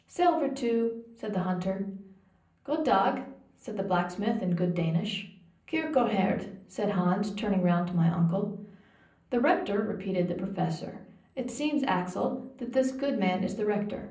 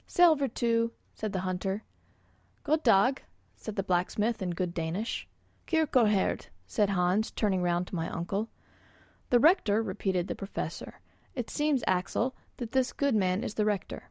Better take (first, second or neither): second